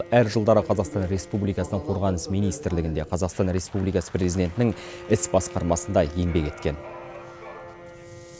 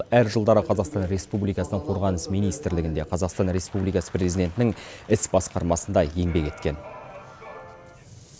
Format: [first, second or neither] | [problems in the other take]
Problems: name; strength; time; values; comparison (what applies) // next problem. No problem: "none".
second | background sound (Bowed string instrument); 20 dB below the speech